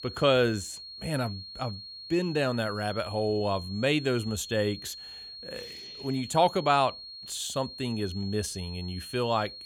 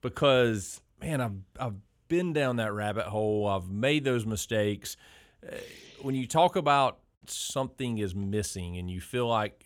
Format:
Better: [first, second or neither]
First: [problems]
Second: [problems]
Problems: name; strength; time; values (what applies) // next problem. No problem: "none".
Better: second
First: high-pitched whine; noticeable; throughout; 4.5 kHz, 10 dB below the speech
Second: none